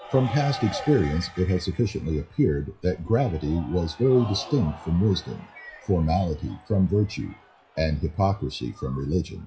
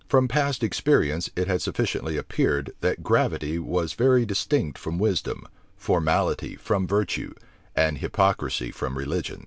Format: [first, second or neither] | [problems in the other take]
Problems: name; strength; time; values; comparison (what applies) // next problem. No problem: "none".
second | noise reduction (classical method WPE with log-MMSE)